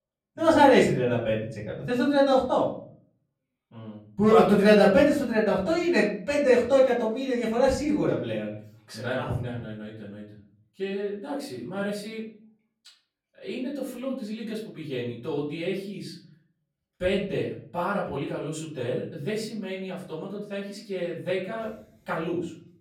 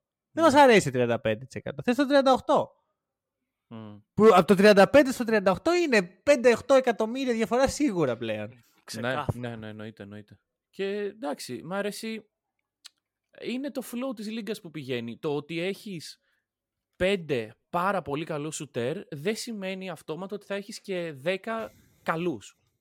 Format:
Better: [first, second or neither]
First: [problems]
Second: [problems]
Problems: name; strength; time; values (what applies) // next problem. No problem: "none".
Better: second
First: off-mic speech; far // room echo; slight; dies away in 0.6 s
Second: none